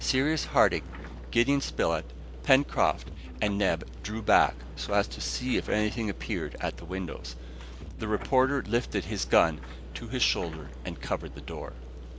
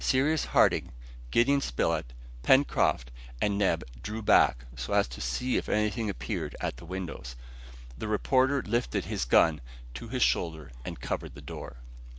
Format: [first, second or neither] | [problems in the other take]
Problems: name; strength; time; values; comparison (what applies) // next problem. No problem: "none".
second | background sound (Subway, metro, underground); 18 dB below the speech